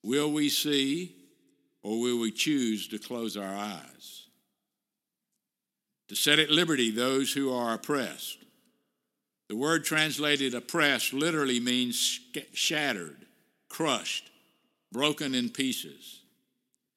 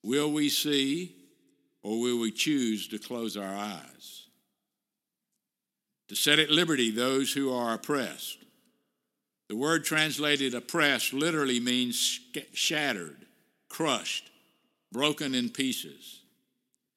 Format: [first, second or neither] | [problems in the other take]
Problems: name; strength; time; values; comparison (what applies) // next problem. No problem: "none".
neither | none